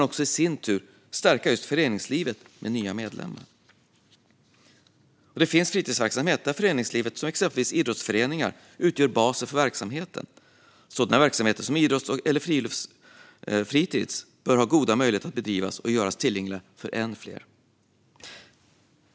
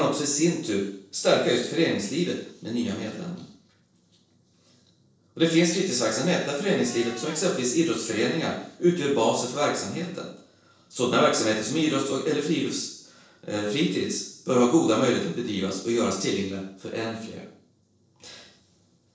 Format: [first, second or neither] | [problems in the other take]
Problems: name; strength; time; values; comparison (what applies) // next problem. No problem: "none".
first | noise reduction (neural separator model SepFormer DNS4)